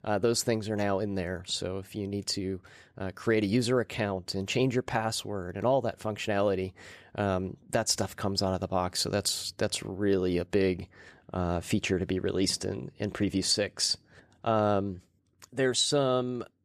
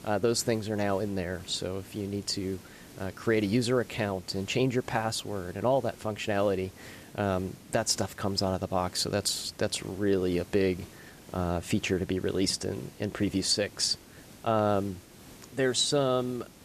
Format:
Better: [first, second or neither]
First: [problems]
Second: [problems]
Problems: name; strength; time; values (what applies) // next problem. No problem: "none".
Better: first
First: none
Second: hiss; faint; throughout; 20 dB below the speech